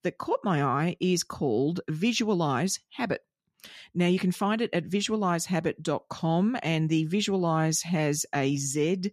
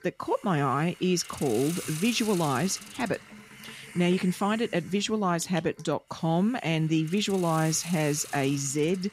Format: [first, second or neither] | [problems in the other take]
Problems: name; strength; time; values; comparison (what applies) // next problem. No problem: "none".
first | hiss; noticeable; throughout; 15 dB below the speech